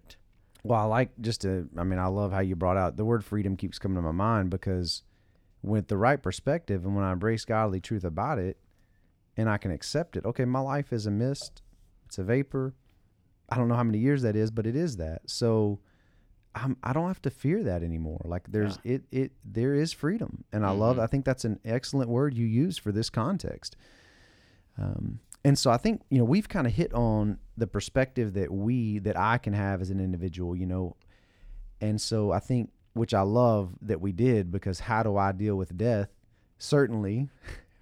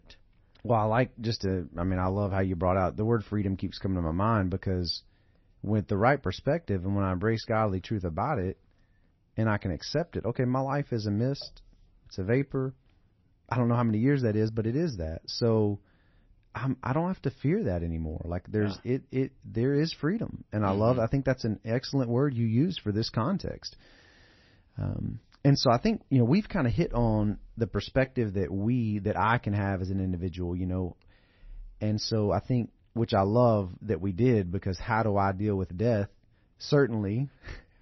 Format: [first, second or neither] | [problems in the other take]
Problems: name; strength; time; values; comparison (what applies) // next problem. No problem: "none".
first | garbled, watery; slightly; nothing above 6 kHz